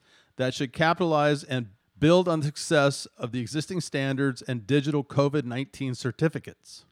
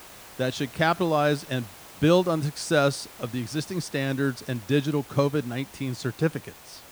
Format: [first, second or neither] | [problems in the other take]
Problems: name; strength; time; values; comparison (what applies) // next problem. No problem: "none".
first | hiss; noticeable; throughout; 20 dB below the speech